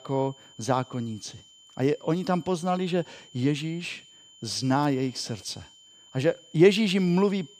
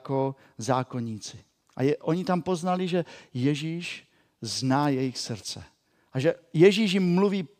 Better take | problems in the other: second | high-pitched whine; faint; throughout; 3 kHz, 25 dB below the speech

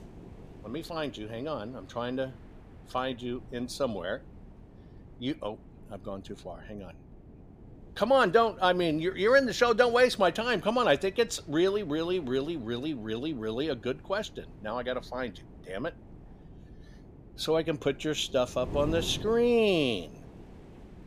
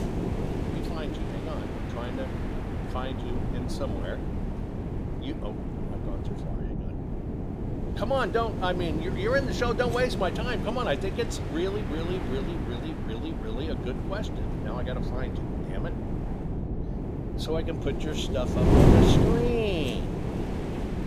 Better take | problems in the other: first | wind noise on the microphone; heavy; 3 dB below the speech; occasional gusts in the first

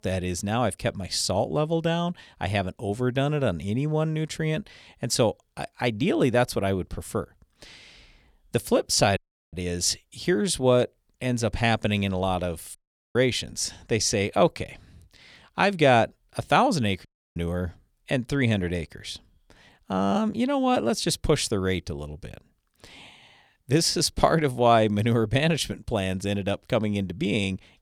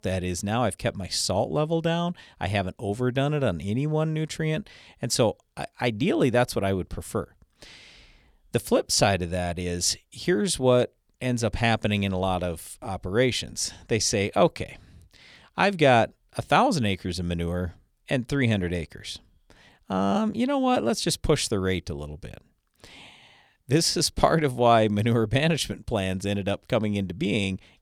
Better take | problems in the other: second | audio cutting out; at 9 s, at 13 s and at 17 s

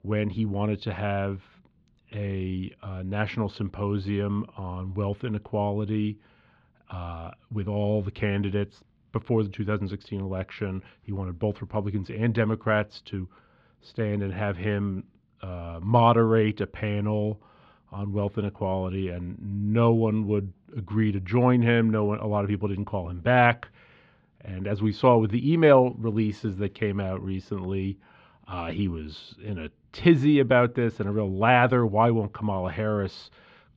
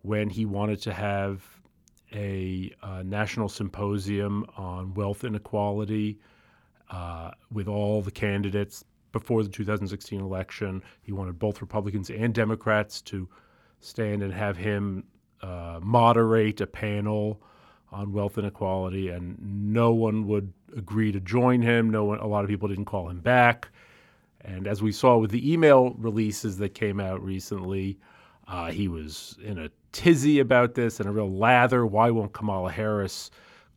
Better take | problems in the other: second | muffled; slightly; fading above 3.5 kHz

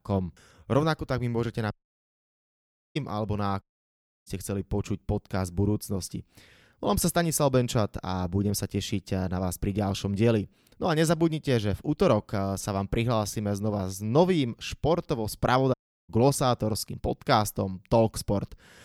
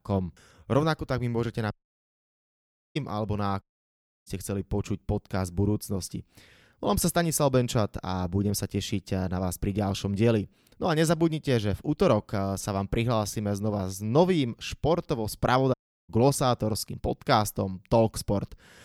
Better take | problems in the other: neither | audio cutting out; at 1.5 s for 1 s, at 3.5 s for 0.5 s and at 16 s; the same in both

